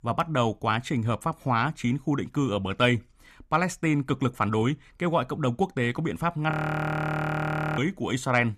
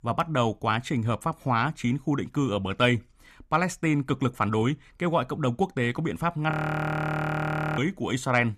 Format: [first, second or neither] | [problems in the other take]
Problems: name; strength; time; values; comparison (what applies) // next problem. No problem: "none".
neither | audio freezing; at 6.5 s for 1.5 s; the same in both